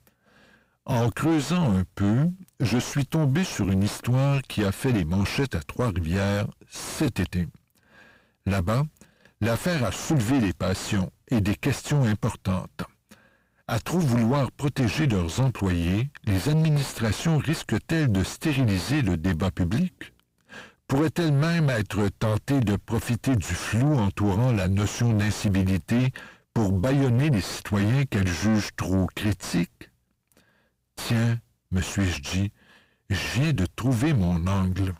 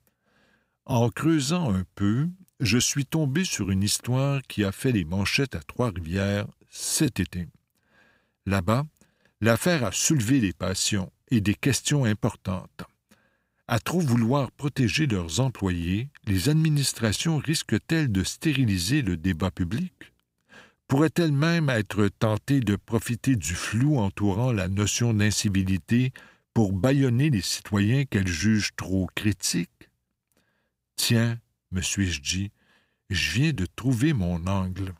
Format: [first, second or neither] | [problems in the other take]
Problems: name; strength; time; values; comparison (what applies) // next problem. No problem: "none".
second | distortion; heavy; 6 dB below the speech